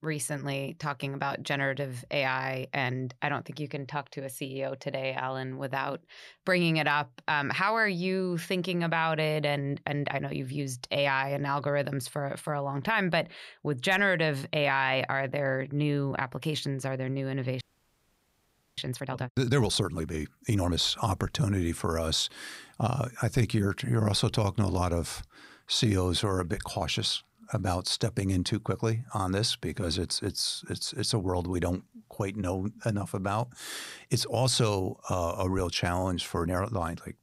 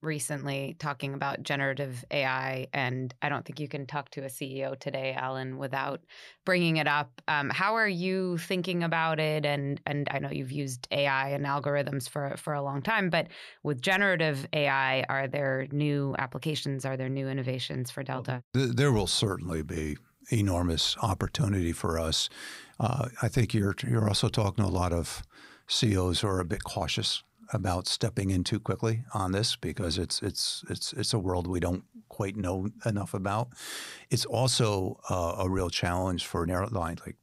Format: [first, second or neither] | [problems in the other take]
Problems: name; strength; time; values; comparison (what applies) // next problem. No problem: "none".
second | audio freezing; at 18 s for 1 s